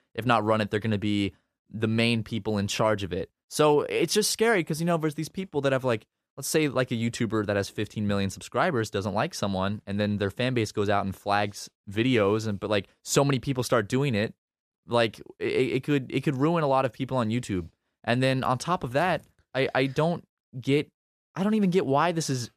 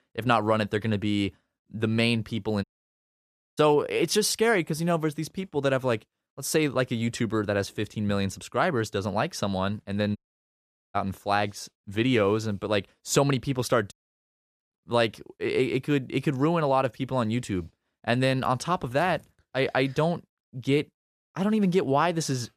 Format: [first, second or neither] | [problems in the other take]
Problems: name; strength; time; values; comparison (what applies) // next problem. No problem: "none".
first | audio cutting out; at 2.5 s for 1 s, at 10 s for 1 s and at 14 s for 0.5 s